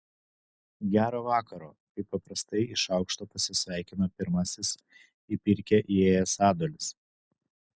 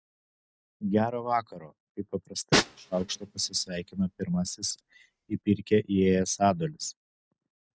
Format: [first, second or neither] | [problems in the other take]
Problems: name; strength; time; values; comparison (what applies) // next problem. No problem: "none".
first | noise reduction (neural mask model RNNoise)